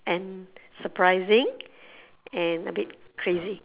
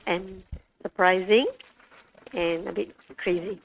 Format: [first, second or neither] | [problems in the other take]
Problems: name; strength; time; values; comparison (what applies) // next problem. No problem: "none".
first | noise reduction (neural mask model RNNoise)